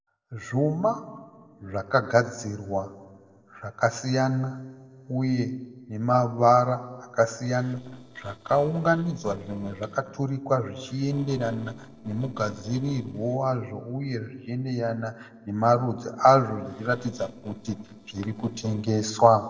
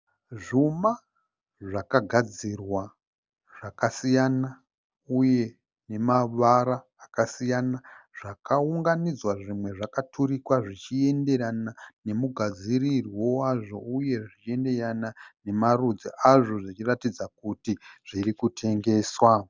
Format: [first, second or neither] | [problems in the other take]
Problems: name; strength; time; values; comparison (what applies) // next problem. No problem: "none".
second | noise reduction (neural separator model SepFormer DNS4)